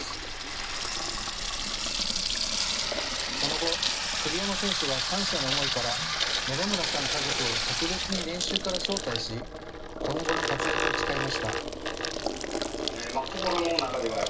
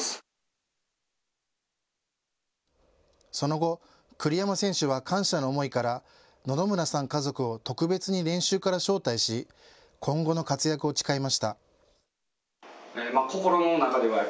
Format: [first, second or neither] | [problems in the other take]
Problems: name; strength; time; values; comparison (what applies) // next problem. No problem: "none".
second | background sound (Sink (filling or washing) / Water tap, faucet); 5 dB above the speech // room echo; dies away in 0.2 s